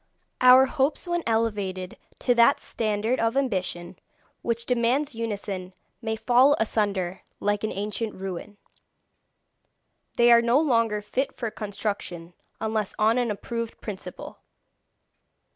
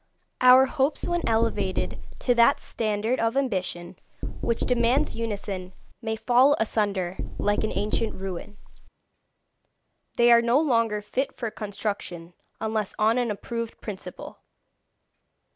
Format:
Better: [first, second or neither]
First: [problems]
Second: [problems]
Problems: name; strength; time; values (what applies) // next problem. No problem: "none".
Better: first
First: none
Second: background sound (Knock); 1 dB below the speech